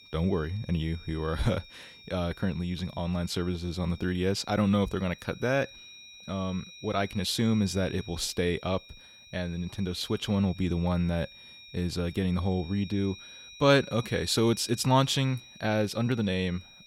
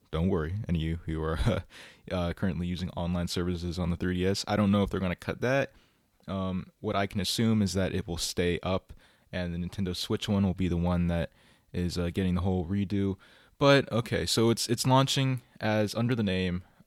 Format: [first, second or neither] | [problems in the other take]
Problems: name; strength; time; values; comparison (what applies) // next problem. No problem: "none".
second | high-pitched whine; noticeable; throughout; 4 kHz, 20 dB below the speech